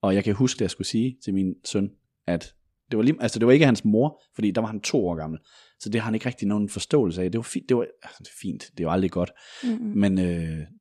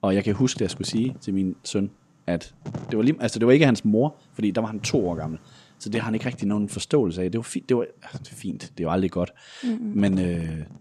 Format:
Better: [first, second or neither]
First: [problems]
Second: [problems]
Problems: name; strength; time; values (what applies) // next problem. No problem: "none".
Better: first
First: none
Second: wind noise on the microphone; occasional gusts; 20 dB below the speech